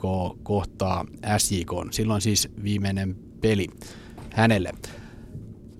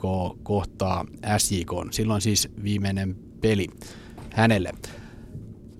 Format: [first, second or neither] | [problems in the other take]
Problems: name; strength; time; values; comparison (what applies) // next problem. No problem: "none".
neither | low rumble; faint; throughout; 25 dB below the speech; the same in both